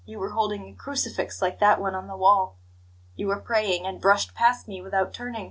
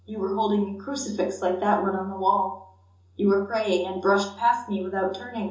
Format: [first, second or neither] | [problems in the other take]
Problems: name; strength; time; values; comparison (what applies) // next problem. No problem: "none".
first | room echo; dies away in 0.6 s